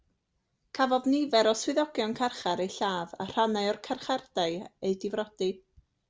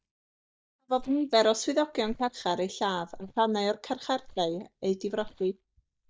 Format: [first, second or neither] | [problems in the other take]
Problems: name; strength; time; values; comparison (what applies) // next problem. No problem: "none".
first | noise reduction (neural mask model DeepFilterNet 3)